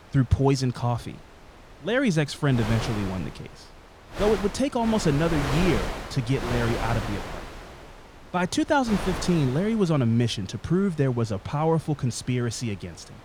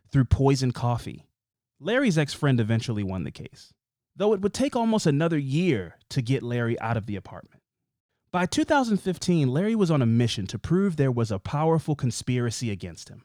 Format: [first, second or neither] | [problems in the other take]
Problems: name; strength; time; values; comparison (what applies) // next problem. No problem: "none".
second | wind noise on the microphone; heavy; 5 dB below the speech